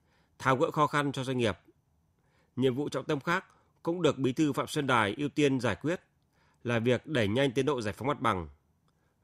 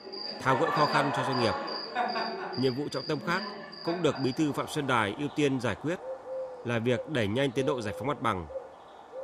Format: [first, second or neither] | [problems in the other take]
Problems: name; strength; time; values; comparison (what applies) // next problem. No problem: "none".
first | animal sounds; loud; throughout; 5 dB below the speech